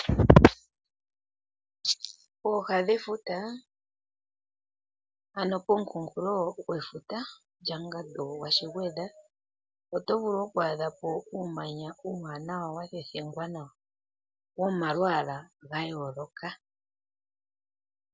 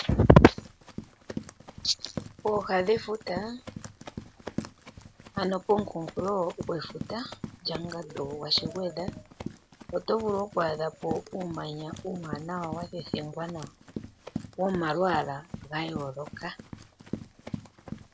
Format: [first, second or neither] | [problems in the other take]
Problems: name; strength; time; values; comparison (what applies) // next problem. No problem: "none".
first | background sound (Run); 12 dB below the speech